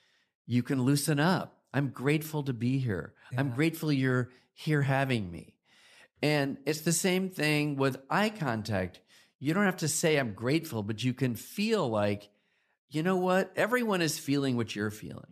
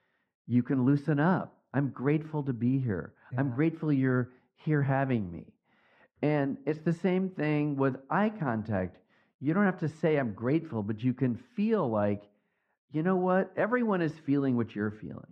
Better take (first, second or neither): first